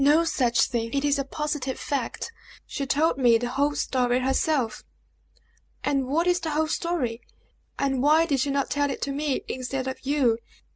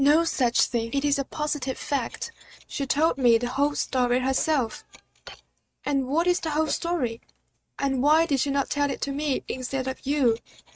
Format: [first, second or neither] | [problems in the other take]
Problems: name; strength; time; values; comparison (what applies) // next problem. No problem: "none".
first | noise reduction (neural mask model RNNoise)